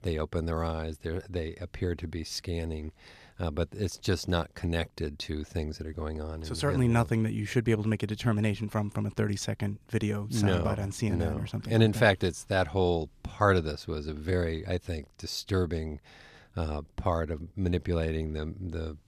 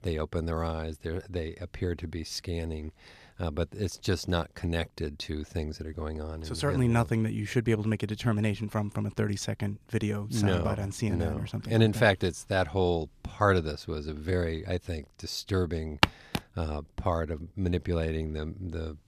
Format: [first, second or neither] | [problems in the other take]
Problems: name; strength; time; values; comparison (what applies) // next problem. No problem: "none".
first | footsteps; very faint; at 16 s; peak 4 dB above the speech